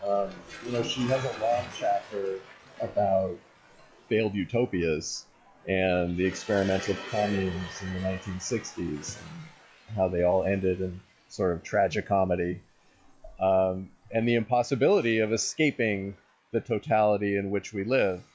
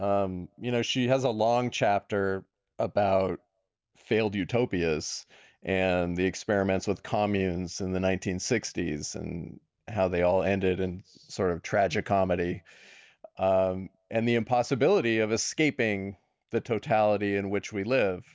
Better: second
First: noise reduction (classical method log-MMSE)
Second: none

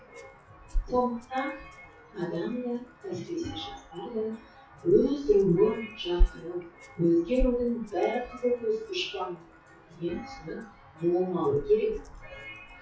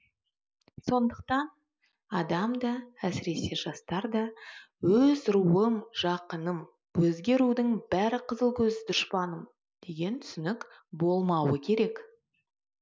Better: second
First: noise reduction (classical method WPE with log-MMSE)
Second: none

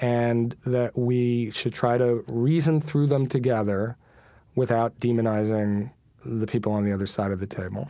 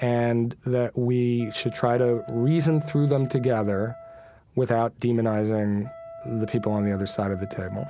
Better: first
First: none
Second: background sound (Wind instrument, woodwind instrument); 18 dB below the speech

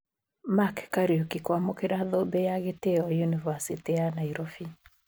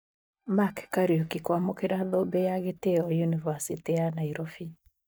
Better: first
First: none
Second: noise reduction (neural mask model DeepFilterNet 3)

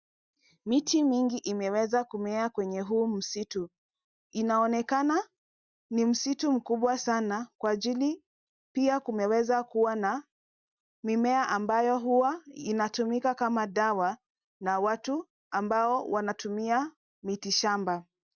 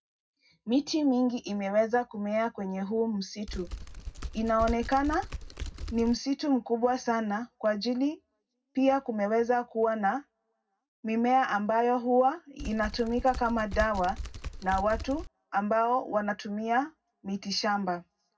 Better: first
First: none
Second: background sound (Typing); 9 dB below the speech // room echo; dies away in 0.3 s

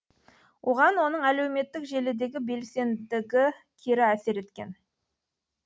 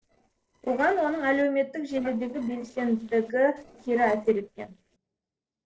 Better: first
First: none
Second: noise reduction (neural separator model SepFormer DNS4)

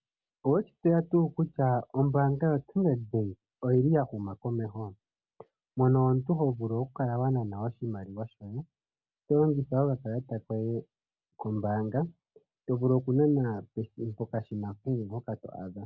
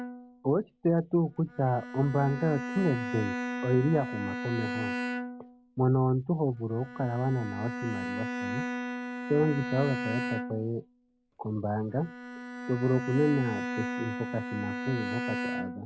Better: first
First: none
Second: background sound (Bowed string instrument); 6 dB below the speech

